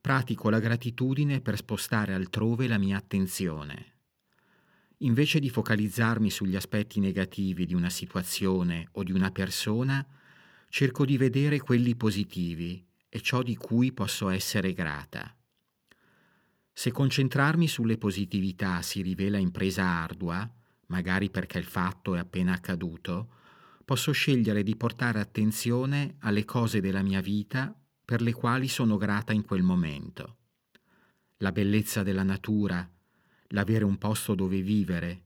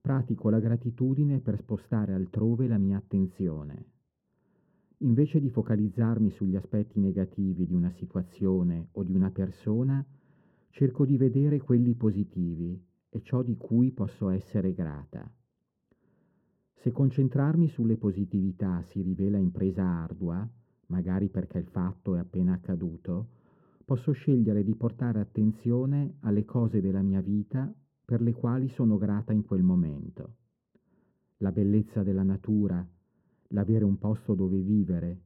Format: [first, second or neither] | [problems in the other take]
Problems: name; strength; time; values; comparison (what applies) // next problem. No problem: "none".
first | muffled; very; fading above 1.5 kHz